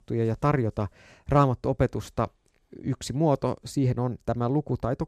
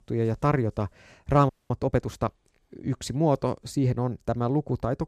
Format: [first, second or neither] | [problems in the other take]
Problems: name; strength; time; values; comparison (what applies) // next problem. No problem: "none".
first | audio freezing; at 1.5 s